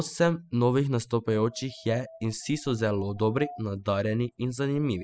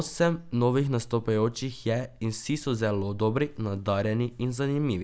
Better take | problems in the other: second | noise reduction (classical method spectral subtraction)

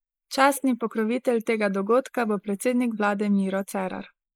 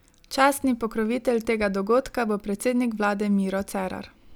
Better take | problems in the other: second | noise reduction (neural mask model Resemble Enhance denoiser)

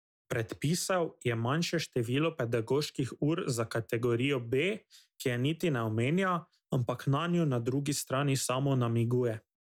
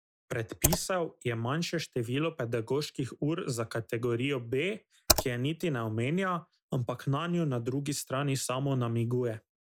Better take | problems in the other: first | noise reduction (neural mask model Resemble Enhance denoiser)

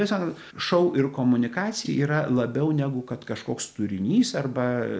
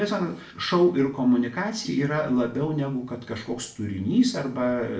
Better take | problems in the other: first | room echo; dies away in 0.3 s

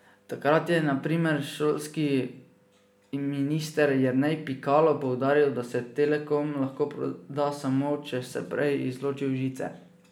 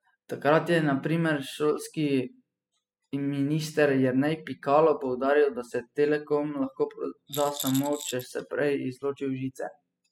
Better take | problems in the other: first | noise reduction (classical method spectral subtraction)

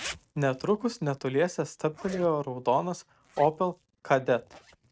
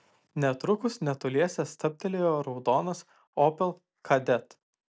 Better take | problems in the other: second | noise reduction (neural mask model RNNoise)

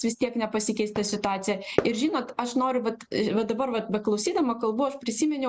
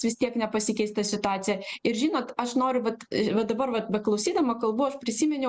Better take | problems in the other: second | background sound (Fireworks); 11 dB below the speech

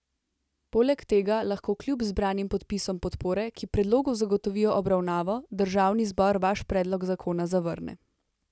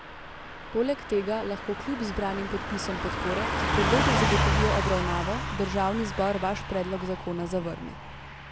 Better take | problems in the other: first | background sound (Car passing by / Truck); as loud as the speech

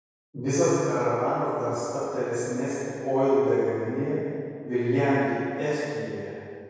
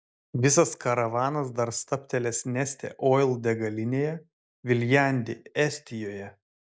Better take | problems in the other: second | room echo; dies away in 2.2 s

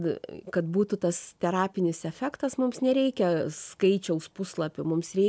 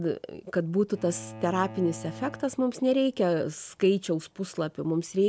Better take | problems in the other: first | background sound (Bowed string instrument); 18 dB below the speech

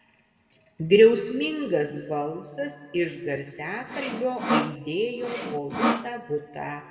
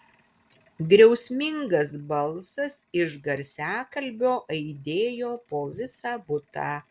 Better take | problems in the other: second | background sound (Sawing); 2 dB below the speech // room echo; dies away in 1.5 s

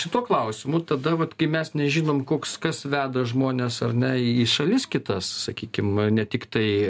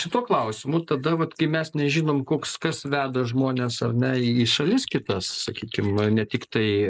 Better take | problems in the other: first | noise reduction (neural mask model Resemble Enhance denoiser)

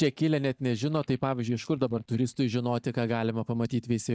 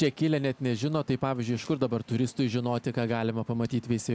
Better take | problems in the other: second | noise reduction (neural mask model DeepFilterNet 3)

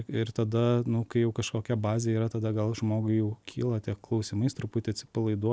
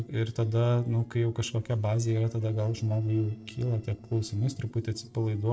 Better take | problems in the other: first | noise reduction (neural separator model SepFormer DNS4)

